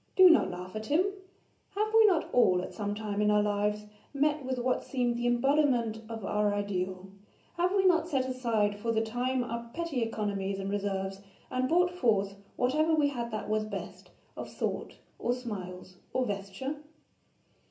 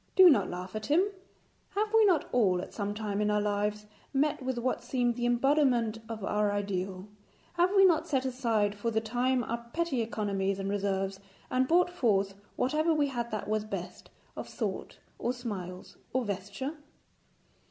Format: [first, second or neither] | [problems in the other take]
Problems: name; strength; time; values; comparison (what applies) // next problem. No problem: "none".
second | room echo; dies away in 0.3 s